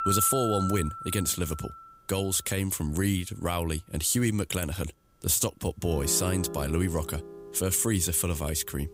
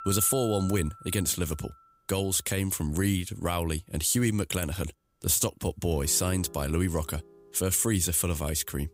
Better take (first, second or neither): second